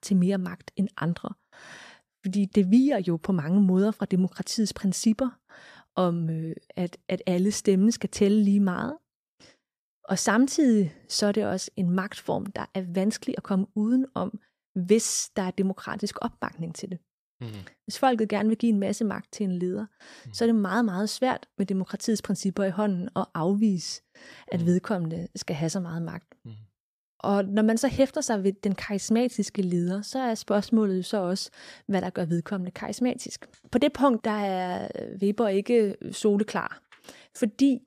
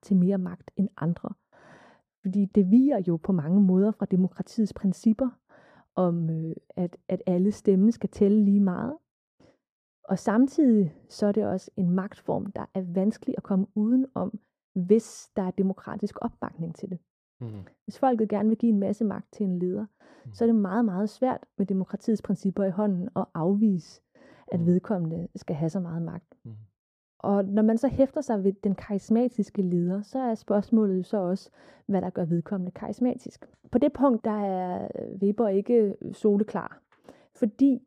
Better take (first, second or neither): first